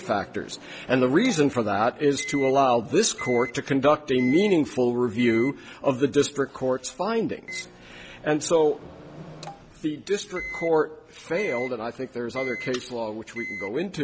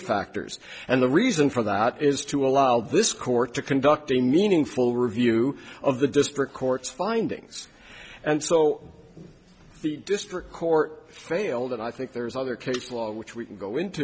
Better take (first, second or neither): second